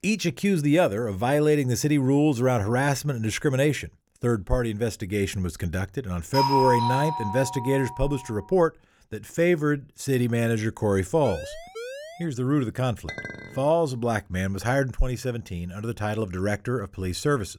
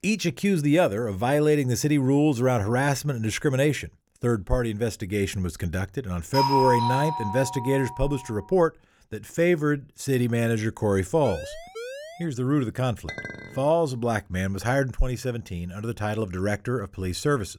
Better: neither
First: doorbell; loud; from 6.5 to 8 s; peak 4 dB above the speech // siren; faint; from 11 to 12 s; peak 10 dB below the speech // clattering dishes; noticeable; at 13 s; peak 10 dB below the speech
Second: doorbell; loud; from 6.5 to 8 s; peak 4 dB above the speech // siren; faint; from 11 to 12 s; peak 10 dB below the speech // clattering dishes; noticeable; at 13 s; peak 10 dB below the speech

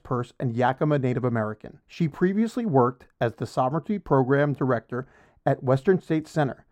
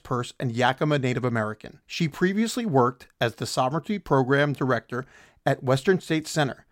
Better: second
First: muffled; slightly; fading above 2 kHz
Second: none

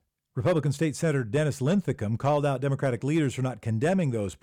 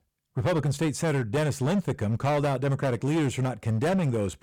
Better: first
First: none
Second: distortion; slight; 20% of the sound clipped

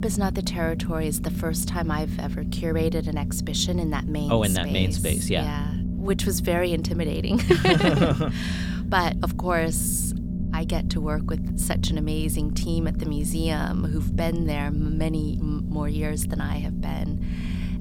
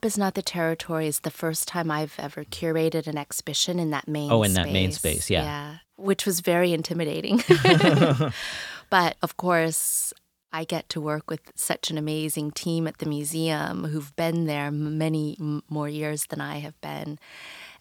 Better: second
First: low rumble; loud; throughout; 9 dB below the speech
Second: none

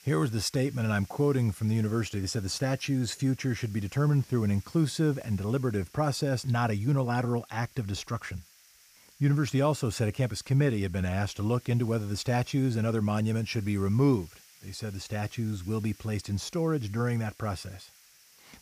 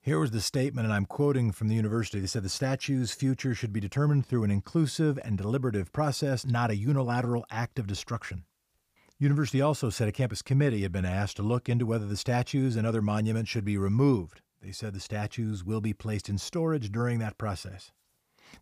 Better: second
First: hiss; faint; throughout; 25 dB below the speech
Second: none

